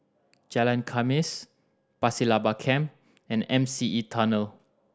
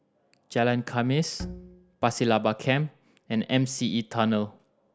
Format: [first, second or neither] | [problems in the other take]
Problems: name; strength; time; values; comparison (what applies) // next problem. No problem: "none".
first | background sound (Bowed string instrument); 14 dB below the speech